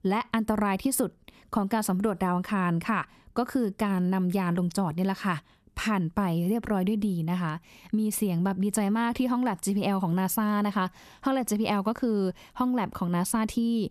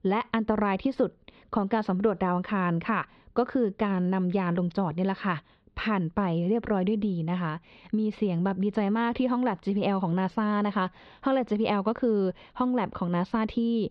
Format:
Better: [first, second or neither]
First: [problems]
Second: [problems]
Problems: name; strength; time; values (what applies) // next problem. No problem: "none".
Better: first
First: none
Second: muffled; slightly; fading above 4 kHz